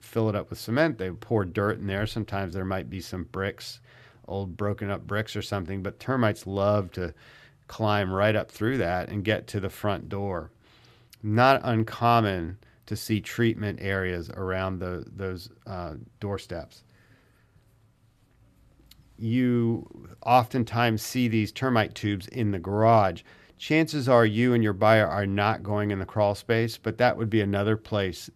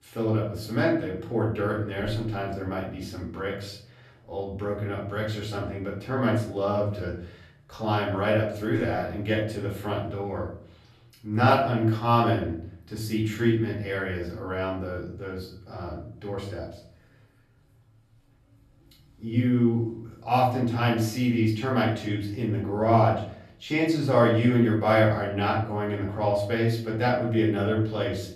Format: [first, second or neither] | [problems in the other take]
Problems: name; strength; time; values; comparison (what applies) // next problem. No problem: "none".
first | off-mic speech; far // room echo; noticeable; dies away in 0.5 s